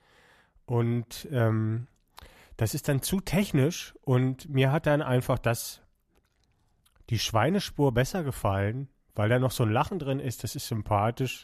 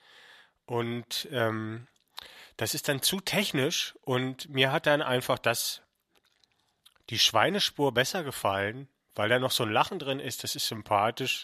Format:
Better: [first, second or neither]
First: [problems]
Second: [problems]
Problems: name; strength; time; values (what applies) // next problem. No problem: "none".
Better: first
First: none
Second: thin; somewhat; fading below 550 Hz